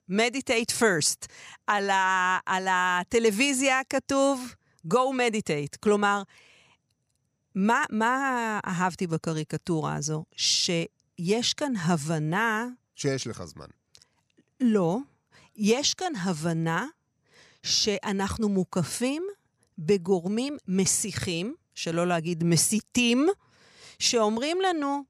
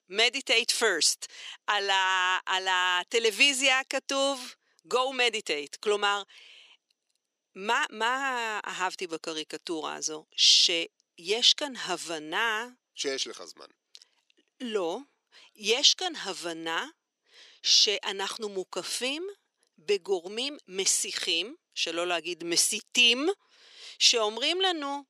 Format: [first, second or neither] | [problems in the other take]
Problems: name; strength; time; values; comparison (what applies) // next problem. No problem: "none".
first | thin; somewhat; fading below 350 Hz